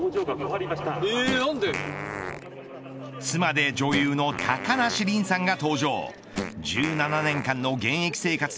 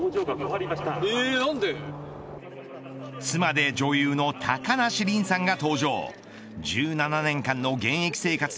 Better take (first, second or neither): second